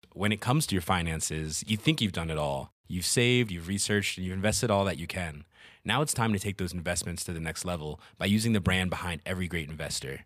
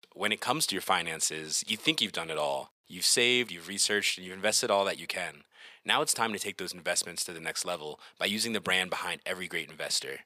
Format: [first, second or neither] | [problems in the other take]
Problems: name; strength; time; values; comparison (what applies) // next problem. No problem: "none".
first | thin; somewhat; fading below 400 Hz